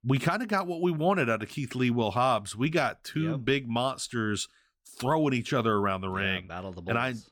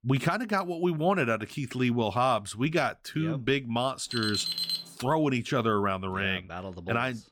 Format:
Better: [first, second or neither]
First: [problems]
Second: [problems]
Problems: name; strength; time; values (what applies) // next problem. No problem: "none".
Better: first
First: none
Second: alarm; noticeable; at 4 s; peak level with the speech